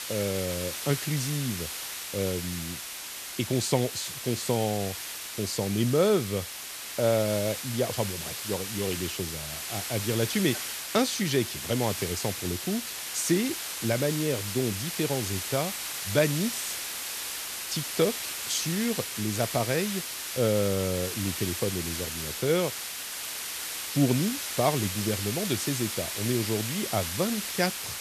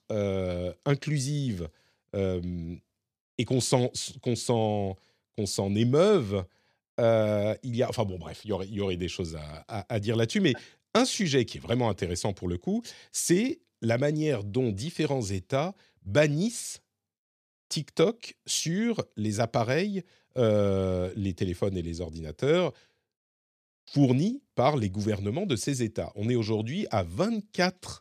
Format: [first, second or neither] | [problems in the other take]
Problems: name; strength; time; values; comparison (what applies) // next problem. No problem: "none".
second | hiss; loud; throughout; 3 dB below the speech